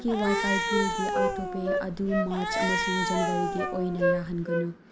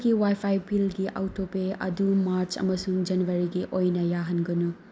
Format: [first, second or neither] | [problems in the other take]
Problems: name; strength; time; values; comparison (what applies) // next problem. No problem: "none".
second | background sound (Cat + Wind instrument, woodwind instrument); 2 dB above the speech